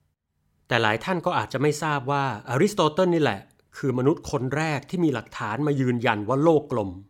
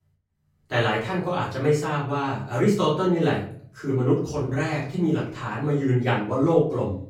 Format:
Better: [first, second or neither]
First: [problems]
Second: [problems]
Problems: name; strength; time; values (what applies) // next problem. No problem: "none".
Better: first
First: none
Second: off-mic speech; far // room echo; noticeable; dies away in 0.5 s